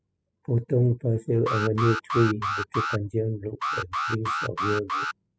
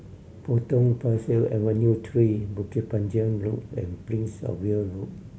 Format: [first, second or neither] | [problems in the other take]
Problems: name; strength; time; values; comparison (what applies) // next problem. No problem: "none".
second | noise reduction (classical method spectral subtraction)